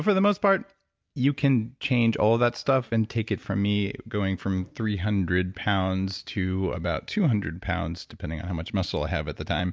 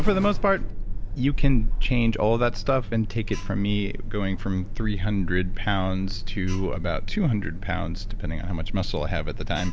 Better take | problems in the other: first | background sound (Alarm); 1 dB above the speech

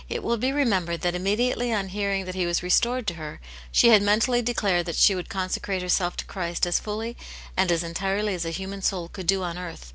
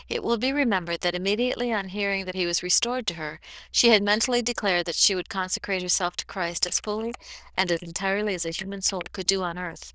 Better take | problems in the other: first | noise reduction (neural diffusion model UNIVERSE++)

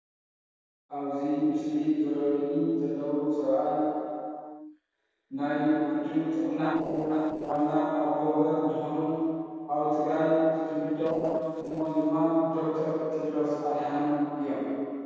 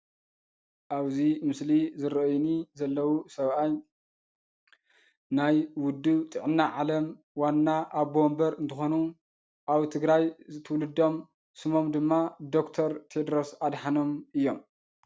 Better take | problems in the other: second | noise reduction (neural separator model SepFormer DNS4)

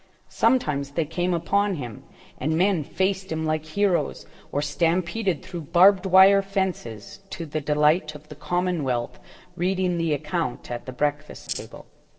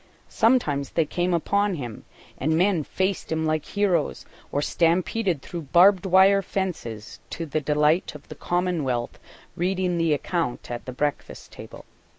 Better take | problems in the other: second | noise reduction (neural separator model SepFormer DNS4)

